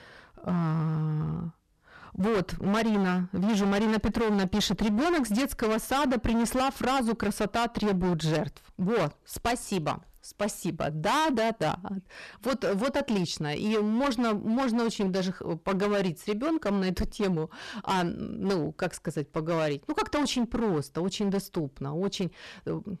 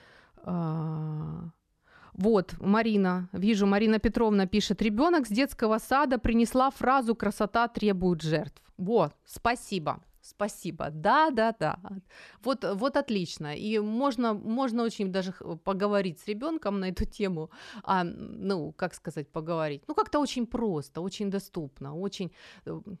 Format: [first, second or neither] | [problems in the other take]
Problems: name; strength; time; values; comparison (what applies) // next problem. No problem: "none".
second | distortion; heavy; 20% of the sound clipped